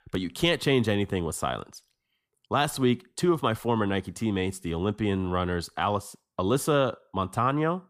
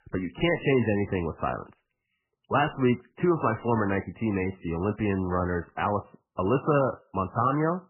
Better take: first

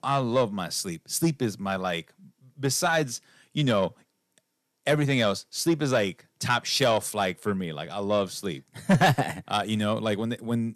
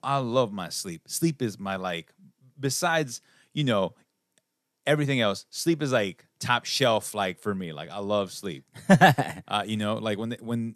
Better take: second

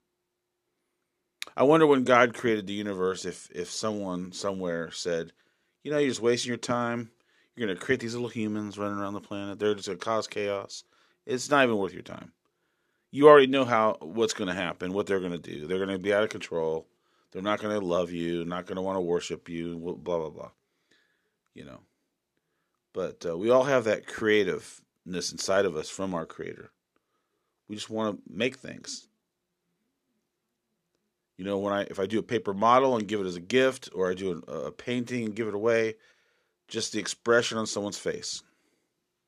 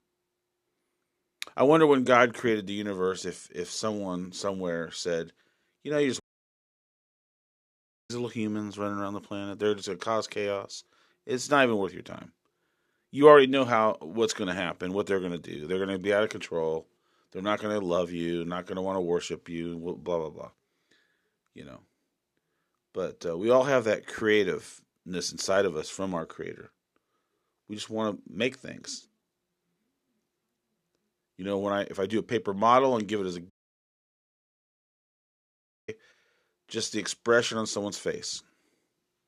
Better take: first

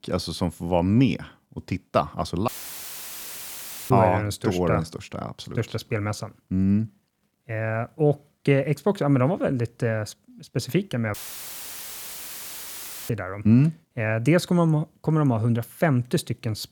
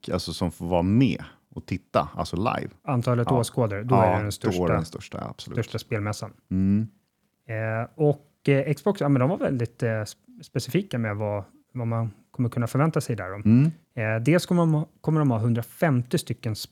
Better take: second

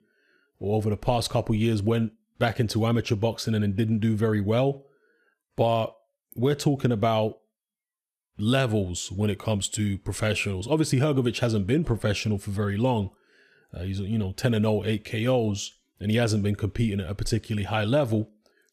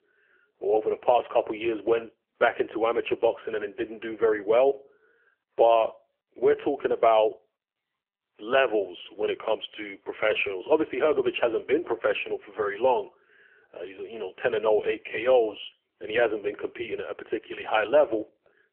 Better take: first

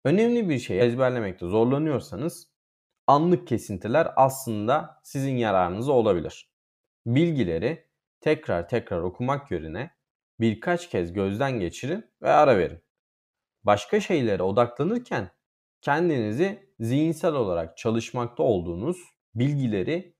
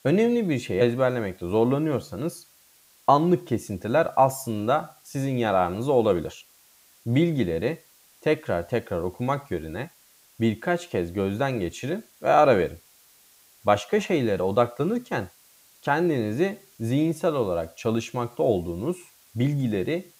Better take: first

